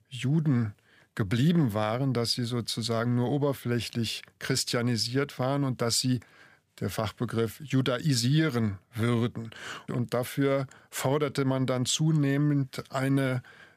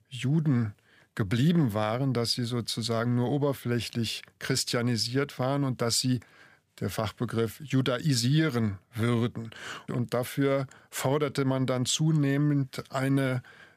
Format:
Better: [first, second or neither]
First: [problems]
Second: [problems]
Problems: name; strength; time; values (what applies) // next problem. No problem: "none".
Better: neither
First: none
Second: none